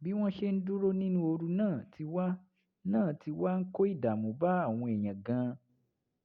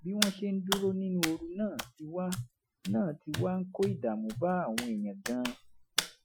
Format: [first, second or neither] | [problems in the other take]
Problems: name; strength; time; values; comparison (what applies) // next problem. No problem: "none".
first | noise reduction (classical method Wiener filter)